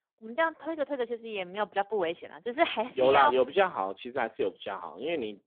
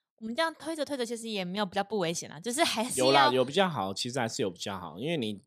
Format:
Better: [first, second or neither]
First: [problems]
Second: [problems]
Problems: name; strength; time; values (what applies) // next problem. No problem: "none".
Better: second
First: phone-call audio; poor line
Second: none